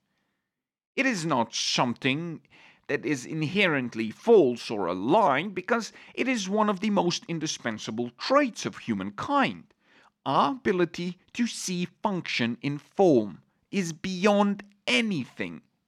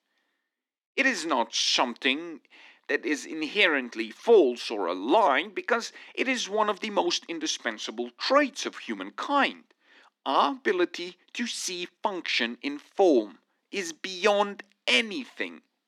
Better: first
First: none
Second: thin; very slightly; fading below 250 Hz

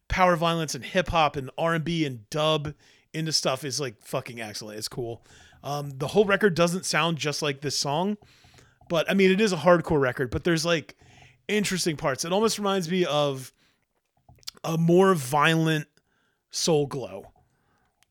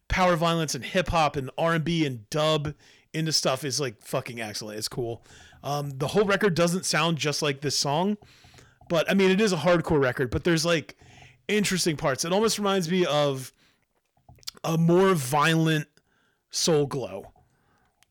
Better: first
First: none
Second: distortion; slight; 10 dB below the speech

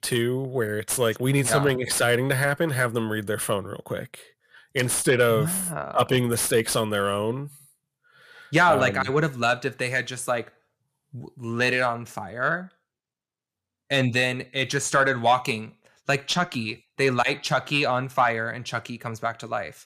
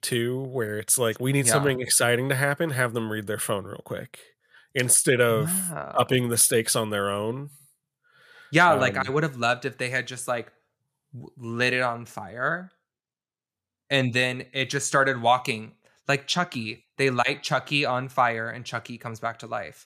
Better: second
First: distortion; slight; 10 dB below the speech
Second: none

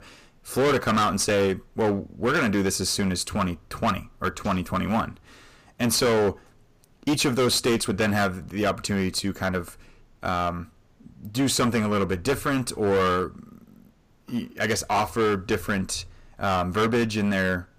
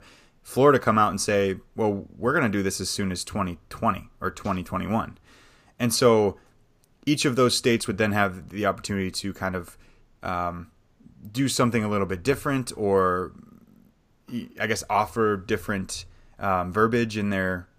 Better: second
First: distortion; heavy; 12% of the sound clipped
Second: none

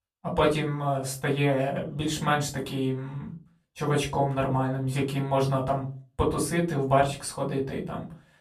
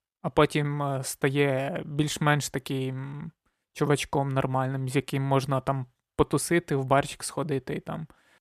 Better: second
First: off-mic speech; far // room echo; very slight; dies away in 0.3 s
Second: none

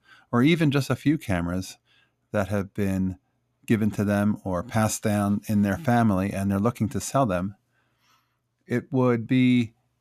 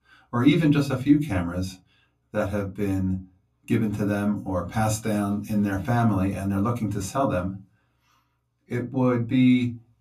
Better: first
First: none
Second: off-mic speech; far // room echo; very slight; dies away in 0.2 s

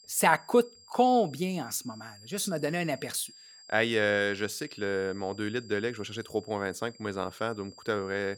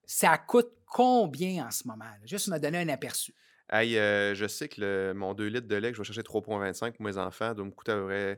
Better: second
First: high-pitched whine; faint; throughout; 5 kHz, 20 dB below the speech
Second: none

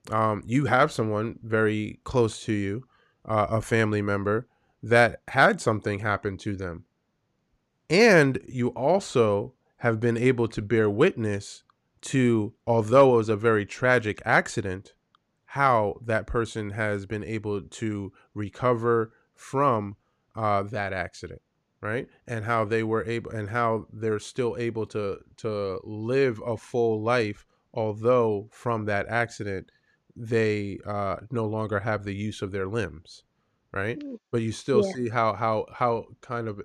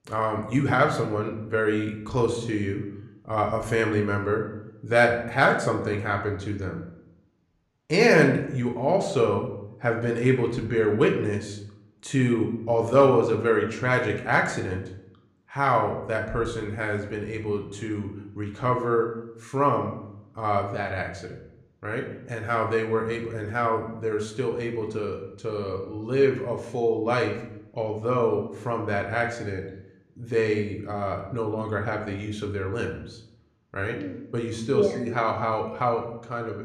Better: first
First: none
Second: room echo; slight; dies away in 0.6 s

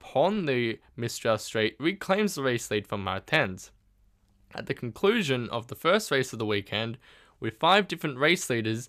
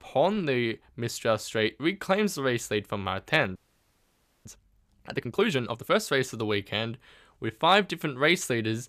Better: first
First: none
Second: audio freezing; at 3.5 s for 1 s

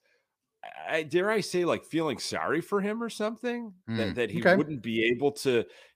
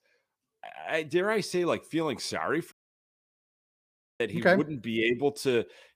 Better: first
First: none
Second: audio cutting out; at 2.5 s for 1.5 s

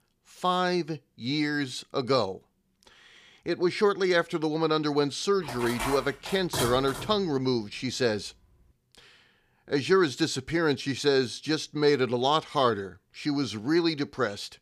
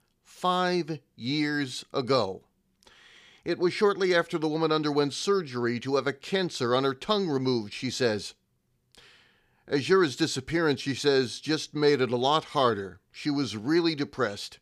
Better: second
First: clattering dishes; noticeable; from 5.5 to 7 s; peak 4 dB below the speech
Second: none

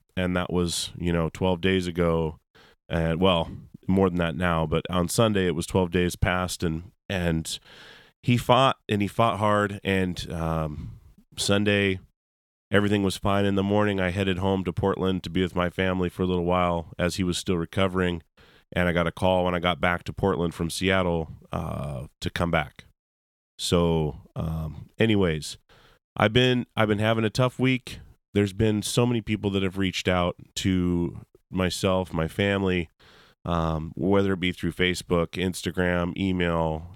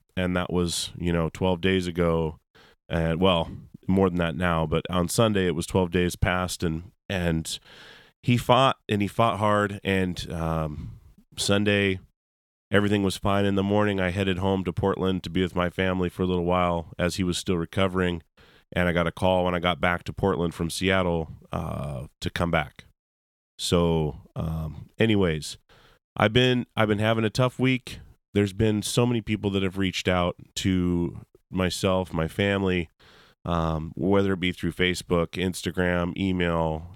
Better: neither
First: none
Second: none

